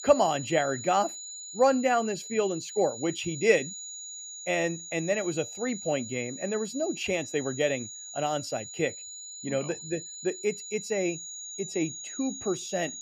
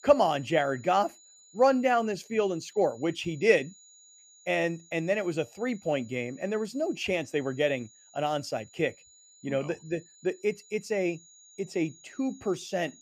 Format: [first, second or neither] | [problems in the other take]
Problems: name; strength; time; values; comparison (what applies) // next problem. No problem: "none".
second | high-pitched whine; loud; throughout; 7 kHz, 9 dB below the speech; faint in the second